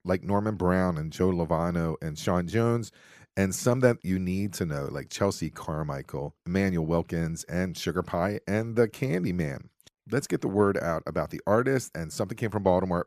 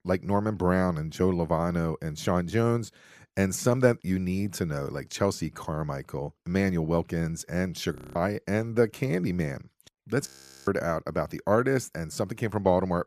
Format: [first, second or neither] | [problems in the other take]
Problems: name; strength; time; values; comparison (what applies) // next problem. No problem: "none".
first | audio freezing; at 8 s and at 10 s